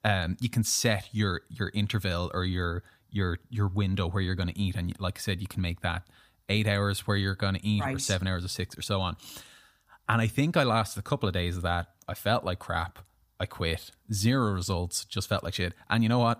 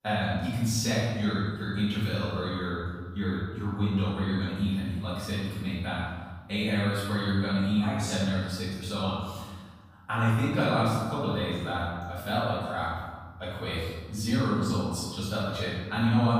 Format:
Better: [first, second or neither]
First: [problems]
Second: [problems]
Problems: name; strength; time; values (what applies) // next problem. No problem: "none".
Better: first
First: none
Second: room echo; strong; dies away in 1.4 s // off-mic speech; far